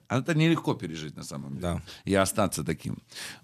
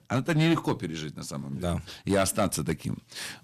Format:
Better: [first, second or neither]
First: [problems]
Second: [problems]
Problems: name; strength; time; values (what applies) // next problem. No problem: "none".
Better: first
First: none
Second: distortion; slight; 3% of the sound clipped